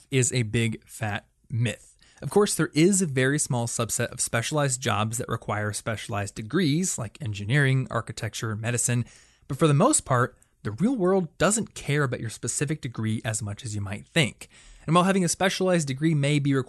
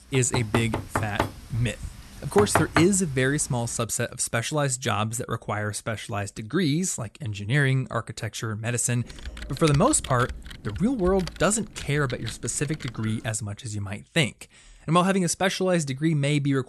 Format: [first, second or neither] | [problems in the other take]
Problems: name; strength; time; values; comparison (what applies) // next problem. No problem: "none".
first | door banging; loud; until 3 s; peak 1 dB above the speech // keyboard typing; noticeable; from 9 to 13 s; peak 8 dB below the speech